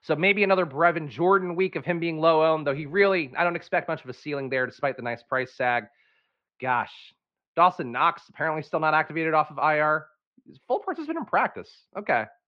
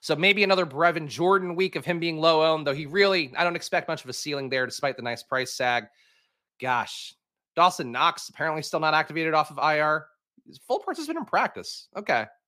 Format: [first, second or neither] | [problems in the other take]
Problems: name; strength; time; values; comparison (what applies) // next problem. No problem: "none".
second | muffled; slightly; fading above 2.5 kHz